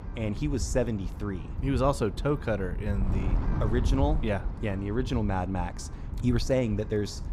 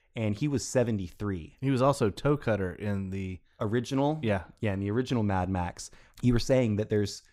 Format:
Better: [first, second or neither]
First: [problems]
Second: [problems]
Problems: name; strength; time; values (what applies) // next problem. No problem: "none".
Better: second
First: wind noise on the microphone; occasional gusts; 15 dB below the speech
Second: none